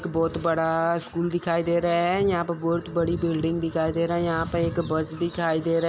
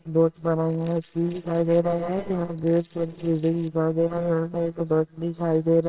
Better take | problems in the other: first | noise reduction (neural separator model SepFormer WHAMR!)

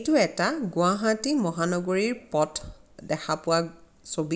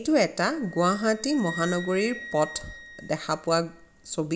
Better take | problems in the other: first | background sound (Wind instrument, woodwind instrument); 16 dB below the speech

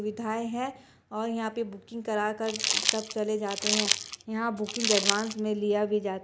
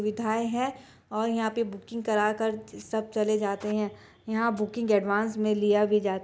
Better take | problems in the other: second | background sound (Crumpling, crinkling); 1 dB above the speech

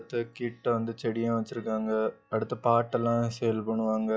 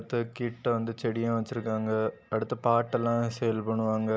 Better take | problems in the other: second | noise reduction (classical method log-MMSE)

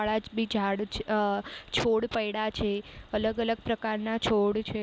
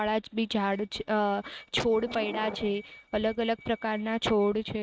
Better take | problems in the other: first | noise reduction (neural mask model RNNoise)

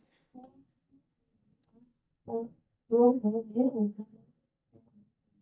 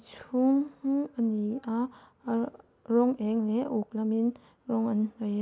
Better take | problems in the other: second | noise reduction (neural mask model DeepFilterNet 3)

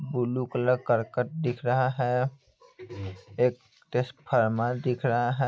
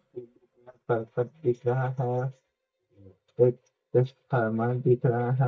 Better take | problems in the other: first | noise reduction (neural mask model DeepFilterNet 3)

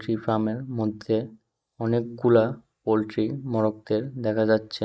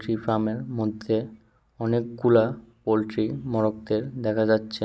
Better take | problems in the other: second | noise reduction (neural mask model Resemble Enhance denoiser)

